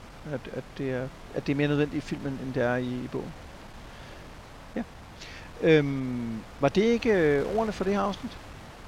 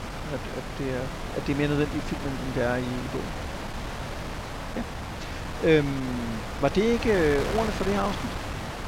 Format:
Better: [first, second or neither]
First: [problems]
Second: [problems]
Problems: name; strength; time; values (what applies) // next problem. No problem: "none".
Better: first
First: wind noise on the microphone; occasional gusts; 15 dB below the speech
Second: wind noise on the microphone; heavy; 6 dB below the speech